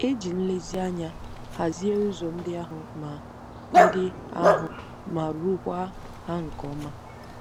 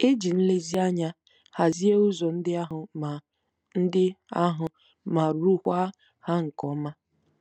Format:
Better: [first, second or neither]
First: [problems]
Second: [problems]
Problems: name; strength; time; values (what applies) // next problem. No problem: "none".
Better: second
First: background sound (Dog); 2 dB above the speech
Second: none